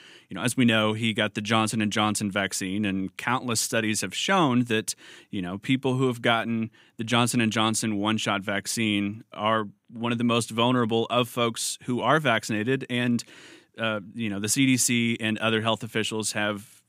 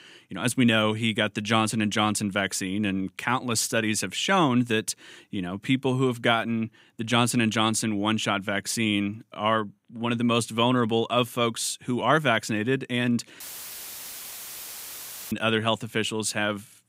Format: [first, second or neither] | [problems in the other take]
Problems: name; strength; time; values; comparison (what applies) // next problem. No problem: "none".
first | audio cutting out; filled with static; at 13 s for 2 s